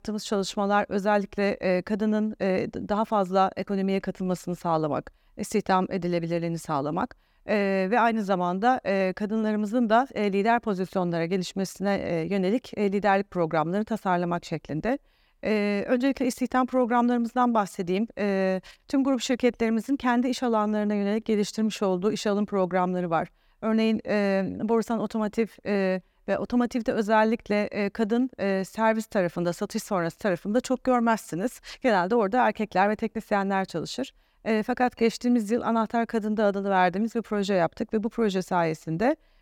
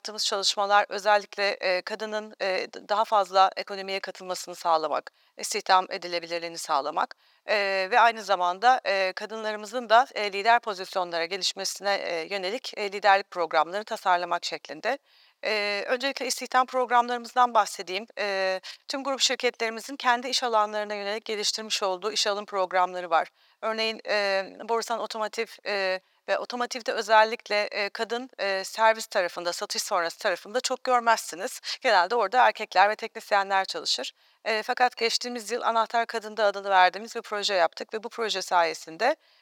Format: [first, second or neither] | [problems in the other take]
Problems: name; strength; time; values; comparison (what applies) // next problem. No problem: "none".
first | thin; very; fading below 750 Hz